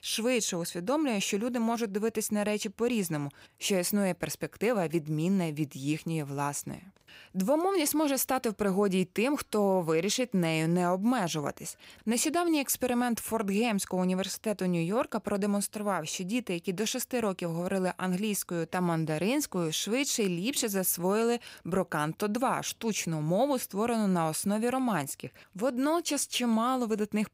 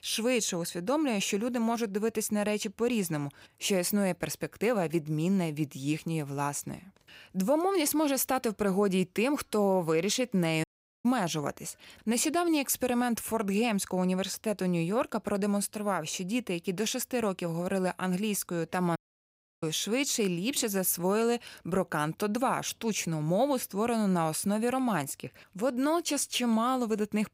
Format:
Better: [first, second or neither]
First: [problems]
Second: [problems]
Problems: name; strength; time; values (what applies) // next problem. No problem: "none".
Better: first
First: none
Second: audio cutting out; at 11 s and at 19 s for 0.5 s